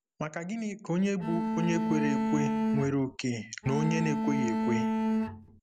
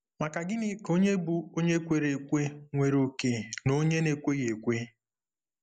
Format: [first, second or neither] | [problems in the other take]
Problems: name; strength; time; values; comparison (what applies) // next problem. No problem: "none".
second | background sound (Bowed string instrument); 2 dB above the speech